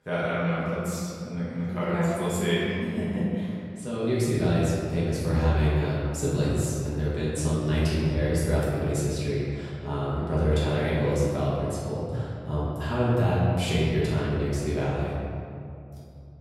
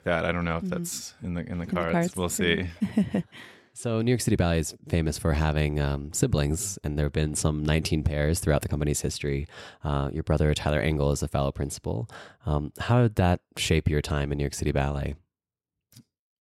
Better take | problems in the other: second | room echo; strong; dies away in 2.2 s // off-mic speech; far

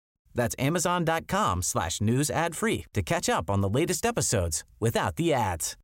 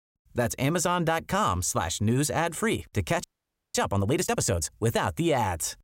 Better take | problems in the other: first | audio freezing; at 3 s for 0.5 s

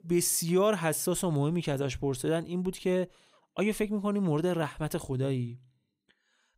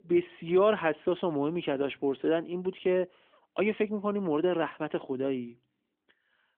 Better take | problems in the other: first | phone-call audio; nothing above 3.5 kHz

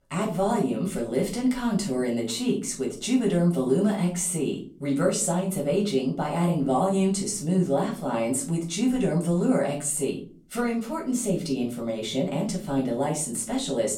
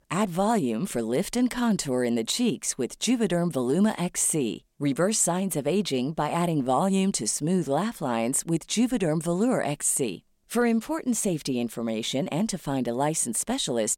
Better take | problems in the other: second | off-mic speech; far // room echo; slight; dies away in 0.4 s

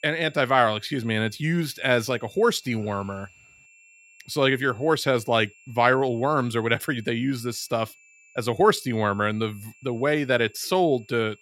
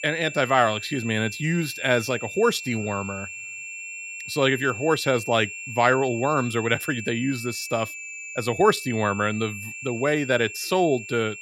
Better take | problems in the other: first | high-pitched whine; loud; throughout; 2.5 kHz, 10 dB below the speech; faint in the first

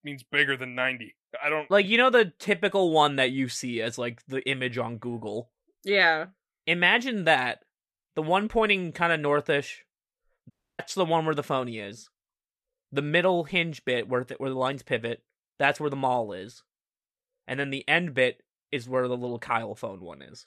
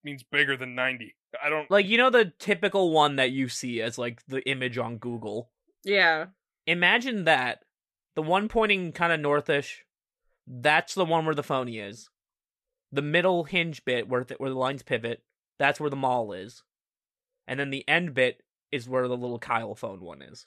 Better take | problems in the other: second | audio cutting out; at 11 s

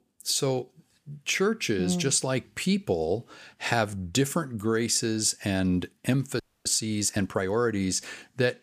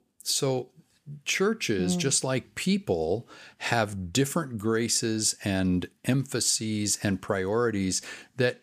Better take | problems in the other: second | audio freezing; at 6.5 s

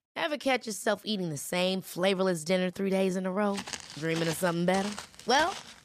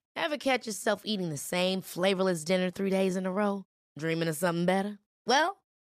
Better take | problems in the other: second | footsteps; noticeable; from 3.5 s on; peak 8 dB below the speech

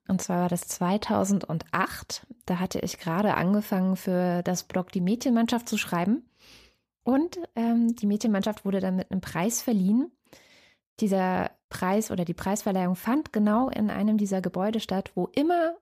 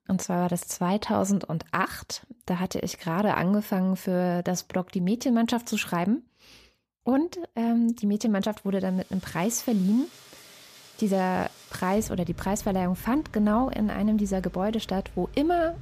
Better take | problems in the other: first | rain or running water; noticeable; from 9 s on; 20 dB below the speech

